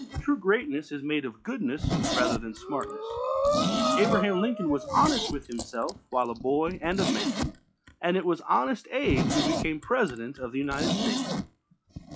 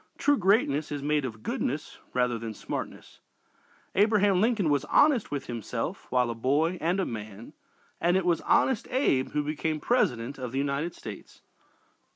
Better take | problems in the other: second | noise reduction (classical method log-MMSE)

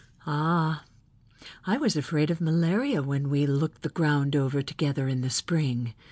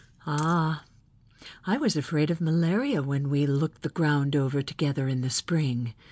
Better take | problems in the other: first | background sound (Coin (dropping)); 19 dB below the speech

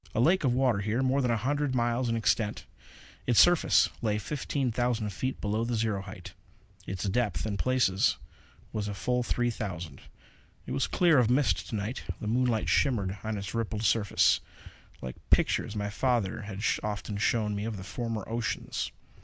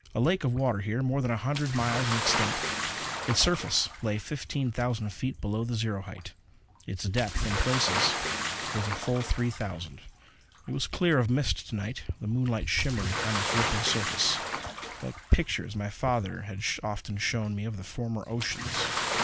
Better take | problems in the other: first | background sound (Bathtub (filling or washing) / Splash, splatter); 6 dB below the speech

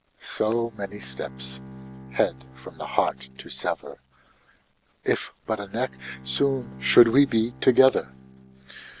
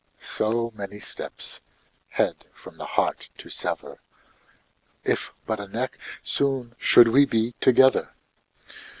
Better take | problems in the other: second | background sound (Bowed string instrument); 19 dB below the speech

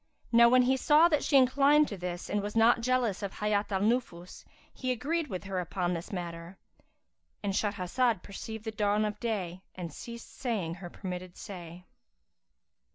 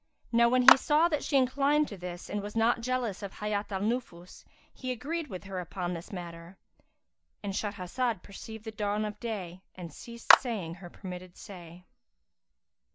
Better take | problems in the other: first | background sound (Clapping); 3 dB above the speech

